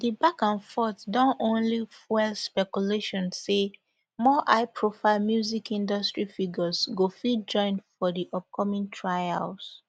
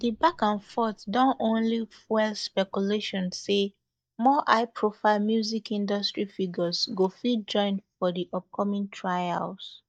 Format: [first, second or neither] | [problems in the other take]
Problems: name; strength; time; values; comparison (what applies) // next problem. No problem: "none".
first | noise reduction (neural mask model DeepFilterNet 3)